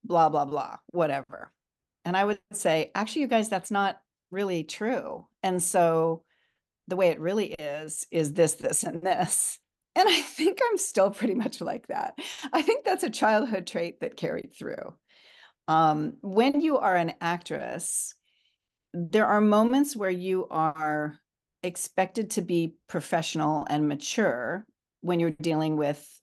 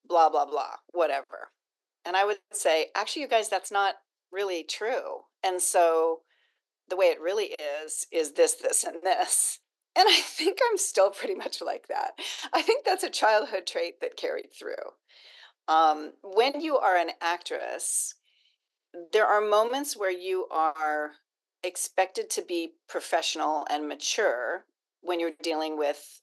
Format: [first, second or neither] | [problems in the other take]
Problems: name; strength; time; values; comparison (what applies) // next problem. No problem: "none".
first | thin; very; fading below 350 Hz